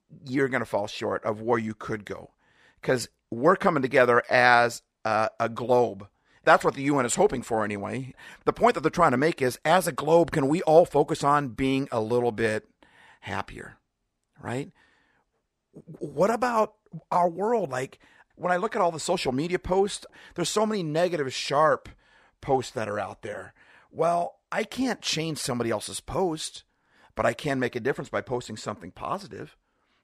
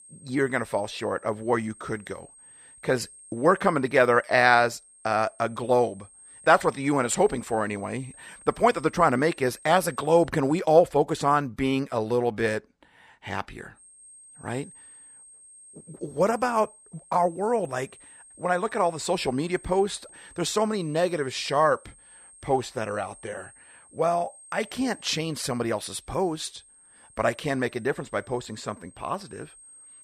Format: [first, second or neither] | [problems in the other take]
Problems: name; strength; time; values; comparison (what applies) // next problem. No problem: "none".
first | high-pitched whine; faint; until 10 s and from 14 s on; 8.5 kHz, 25 dB below the speech